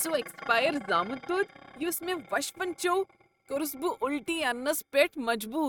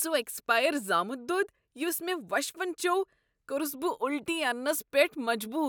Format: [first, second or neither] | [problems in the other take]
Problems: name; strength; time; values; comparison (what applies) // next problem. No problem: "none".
second | noise reduction (neural mask model RNNoise)